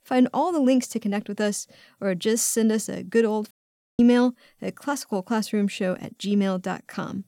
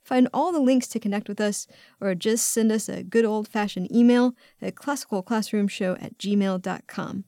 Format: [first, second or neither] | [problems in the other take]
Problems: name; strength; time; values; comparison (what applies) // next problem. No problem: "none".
second | audio cutting out; at 3.5 s